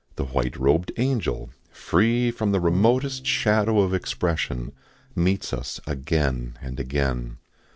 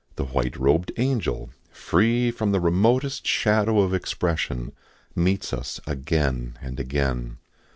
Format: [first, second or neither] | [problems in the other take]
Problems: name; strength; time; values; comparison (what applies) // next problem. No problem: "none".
second | background sound (Bowed string instrument); 17 dB below the speech